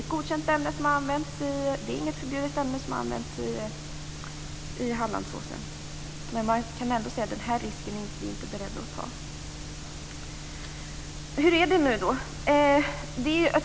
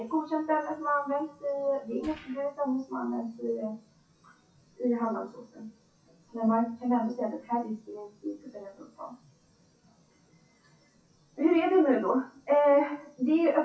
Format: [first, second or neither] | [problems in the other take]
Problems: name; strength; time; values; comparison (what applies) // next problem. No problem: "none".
first | noise reduction (classical method WPE with log-MMSE)